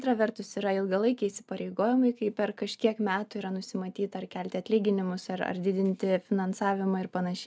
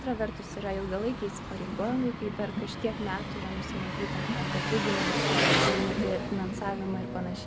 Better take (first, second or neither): first